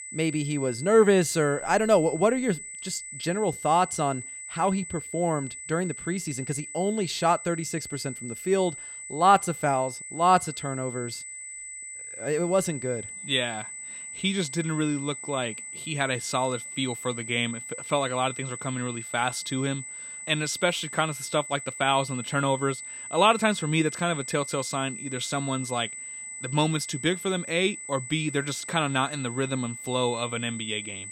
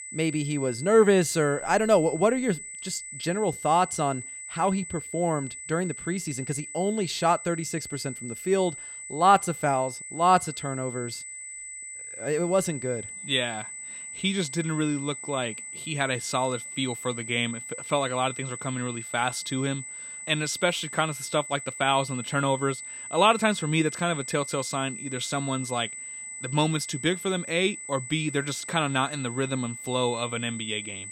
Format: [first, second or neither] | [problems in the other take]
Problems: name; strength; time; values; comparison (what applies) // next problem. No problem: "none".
neither | high-pitched whine; loud; throughout; 8 kHz, 9 dB below the speech; the same in both